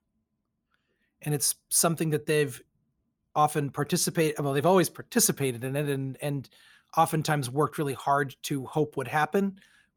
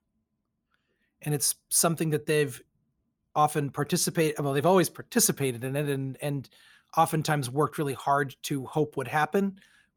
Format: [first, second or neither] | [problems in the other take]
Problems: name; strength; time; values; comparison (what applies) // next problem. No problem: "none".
neither | none